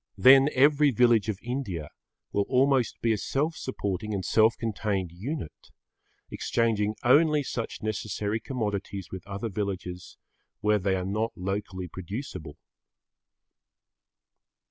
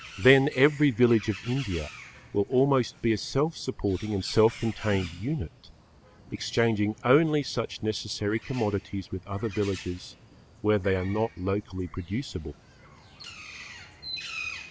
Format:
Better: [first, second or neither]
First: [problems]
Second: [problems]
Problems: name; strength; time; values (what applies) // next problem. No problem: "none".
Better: first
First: none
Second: background sound (Bird); 17 dB below the speech